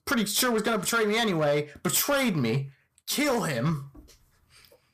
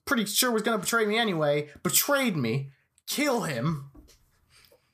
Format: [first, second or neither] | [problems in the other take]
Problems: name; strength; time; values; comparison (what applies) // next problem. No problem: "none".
second | distortion; slight; 8% of the sound clipped